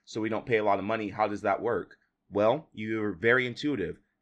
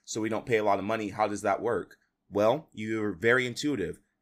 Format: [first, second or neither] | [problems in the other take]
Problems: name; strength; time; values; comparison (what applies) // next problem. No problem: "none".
second | muffled; slightly; fading above 3 kHz